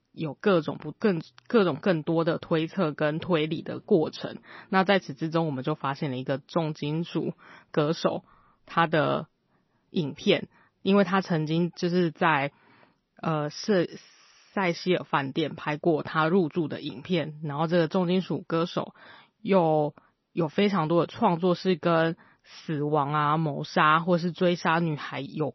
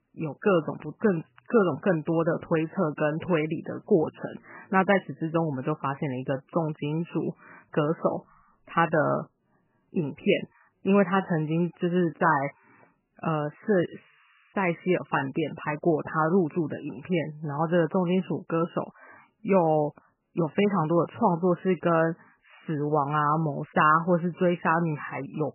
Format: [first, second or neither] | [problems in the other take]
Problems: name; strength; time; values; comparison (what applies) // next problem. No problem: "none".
first | garbled, watery; badly; nothing above 3 kHz; slightly in the first